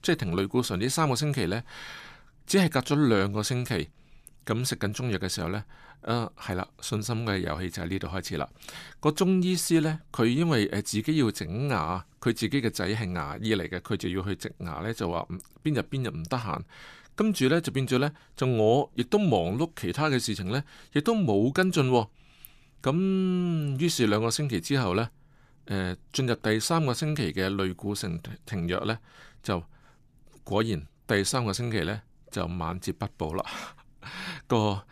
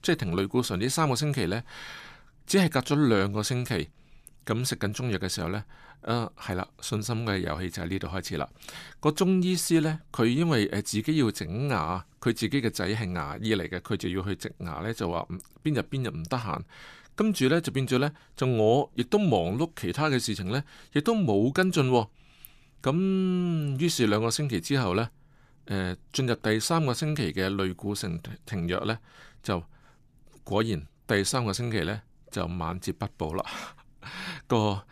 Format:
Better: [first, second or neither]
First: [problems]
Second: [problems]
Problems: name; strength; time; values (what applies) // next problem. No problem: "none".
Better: neither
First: none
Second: none